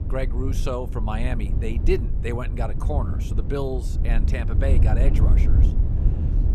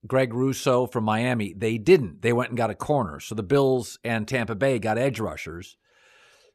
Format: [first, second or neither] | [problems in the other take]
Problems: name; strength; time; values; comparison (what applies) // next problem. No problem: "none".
second | wind noise on the microphone; heavy; 7 dB below the speech